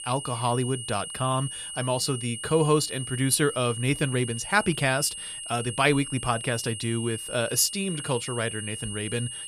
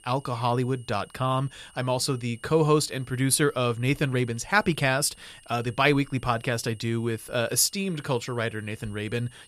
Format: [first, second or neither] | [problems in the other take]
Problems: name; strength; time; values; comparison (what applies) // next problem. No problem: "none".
second | high-pitched whine; loud; throughout; 3 kHz, 8 dB below the speech; faint in the second